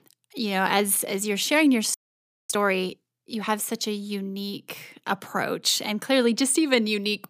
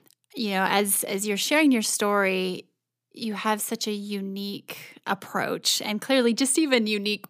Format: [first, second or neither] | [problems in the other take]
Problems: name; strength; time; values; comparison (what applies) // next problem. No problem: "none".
second | audio freezing; at 2 s for 0.5 s